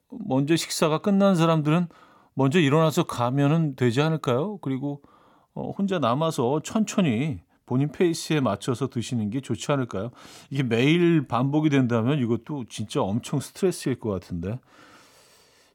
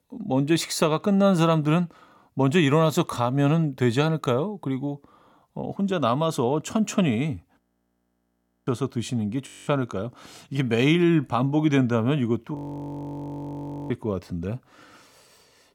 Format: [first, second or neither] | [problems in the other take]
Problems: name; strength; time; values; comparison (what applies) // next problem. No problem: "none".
first | audio freezing; at 7.5 s for 1 s, at 9.5 s and at 13 s for 1.5 s